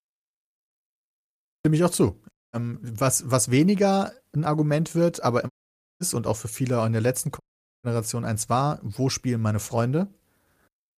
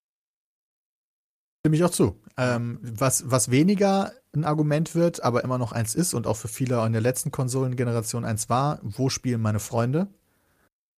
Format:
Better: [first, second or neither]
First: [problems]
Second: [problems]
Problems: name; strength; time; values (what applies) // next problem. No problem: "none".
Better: second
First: audio cutting out; at 2.5 s, at 5.5 s for 0.5 s and at 7.5 s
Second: none